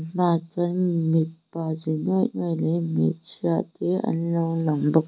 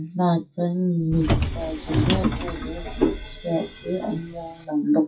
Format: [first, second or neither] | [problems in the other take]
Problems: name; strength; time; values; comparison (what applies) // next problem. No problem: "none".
first | noise reduction (classical method WPE with log-MMSE)